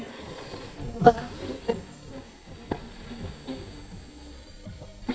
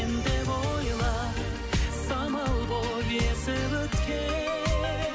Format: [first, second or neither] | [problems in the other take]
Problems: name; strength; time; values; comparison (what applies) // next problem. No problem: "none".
second | noise reduction (neural mask model DeepFilterNet 3)